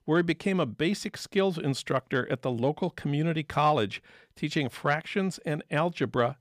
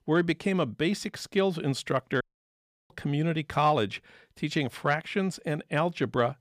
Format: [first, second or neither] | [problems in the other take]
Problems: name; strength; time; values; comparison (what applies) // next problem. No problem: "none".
first | audio cutting out; at 2 s for 0.5 s